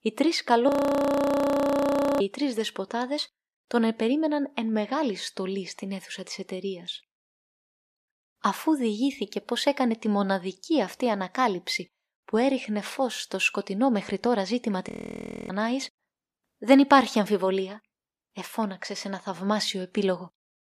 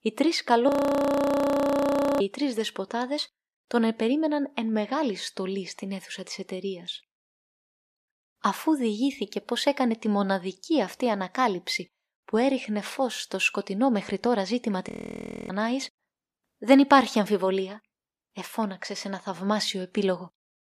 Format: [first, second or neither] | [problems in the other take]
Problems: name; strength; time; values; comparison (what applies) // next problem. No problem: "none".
neither | audio freezing; at 0.5 s for 1.5 s and at 15 s for 0.5 s; the same in both